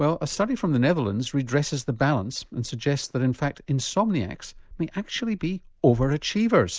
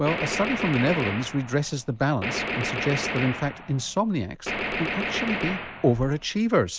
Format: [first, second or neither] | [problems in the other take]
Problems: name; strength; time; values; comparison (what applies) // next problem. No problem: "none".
first | background sound (Gunshot, gunfire); 5 dB below the speech